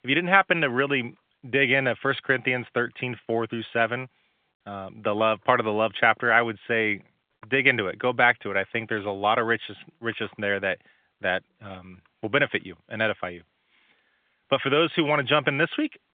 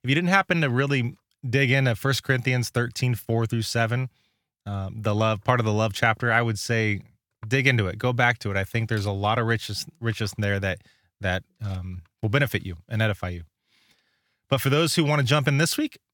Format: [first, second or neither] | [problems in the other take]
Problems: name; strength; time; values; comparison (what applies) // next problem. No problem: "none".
second | phone-call audio; nothing above 3.5 kHz